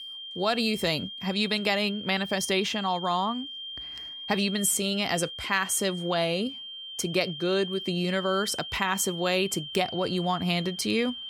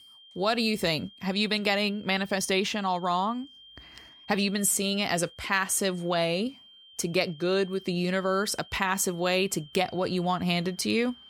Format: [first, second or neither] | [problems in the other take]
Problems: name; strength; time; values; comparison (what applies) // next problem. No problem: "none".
second | high-pitched whine; loud; throughout; 3 kHz, 9 dB below the speech; faint in the second